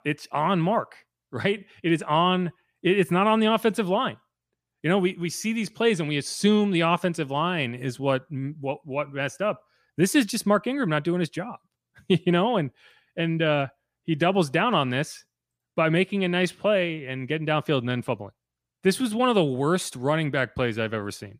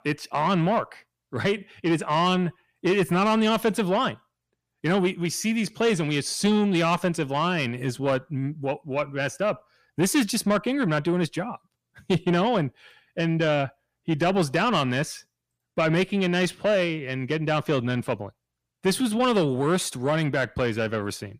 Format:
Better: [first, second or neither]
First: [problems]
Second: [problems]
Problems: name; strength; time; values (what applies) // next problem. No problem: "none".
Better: first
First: none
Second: distortion; slight; 10 dB below the speech